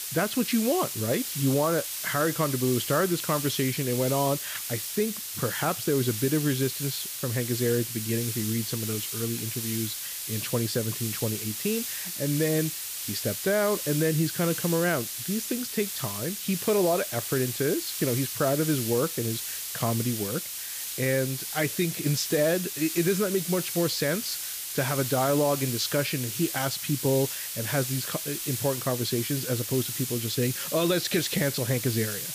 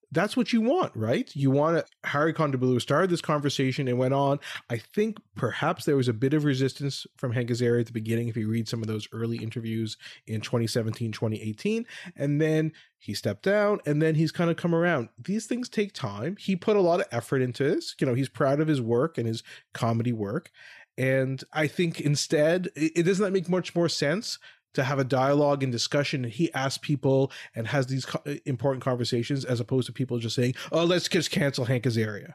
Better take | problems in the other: second | hiss; loud; throughout; 3 dB below the speech

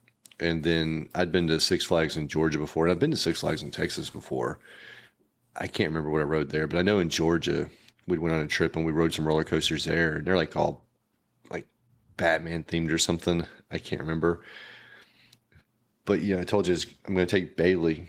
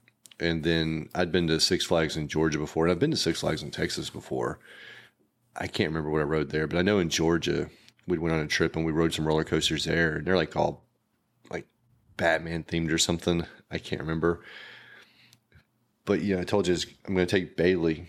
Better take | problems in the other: second | garbled, watery; slightly; nothing above 16.5 kHz

